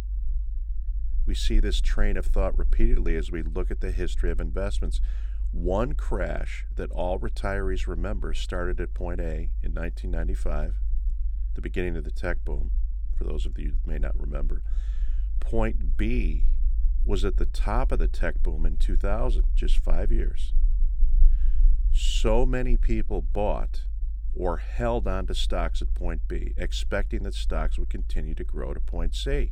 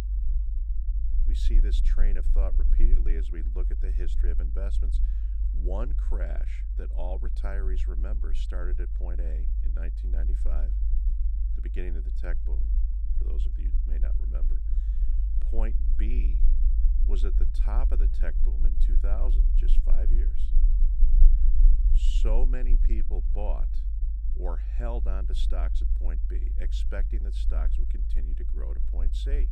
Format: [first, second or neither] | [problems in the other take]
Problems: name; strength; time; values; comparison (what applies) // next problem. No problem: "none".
first | low rumble; loud; throughout; 8 dB below the speech; faint in the first